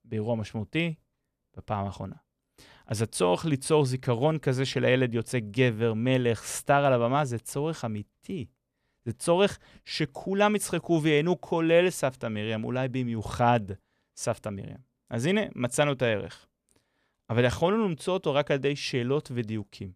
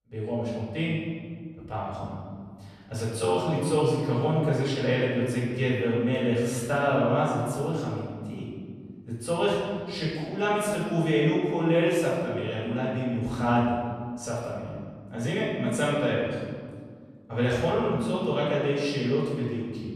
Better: first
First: none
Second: off-mic speech; far // room echo; noticeable; dies away in 1.7 s

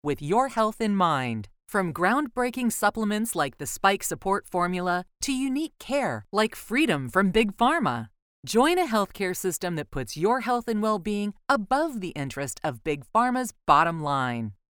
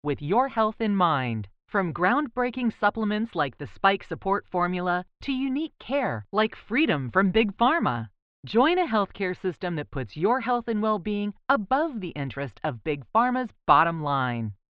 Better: first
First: none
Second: muffled; very; fading above 3.5 kHz

